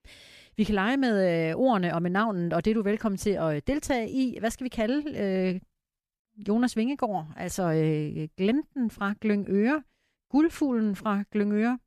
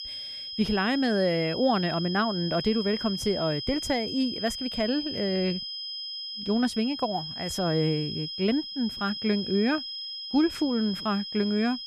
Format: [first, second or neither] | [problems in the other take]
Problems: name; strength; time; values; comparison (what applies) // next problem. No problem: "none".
first | high-pitched whine; loud; throughout; 5 kHz, 6 dB below the speech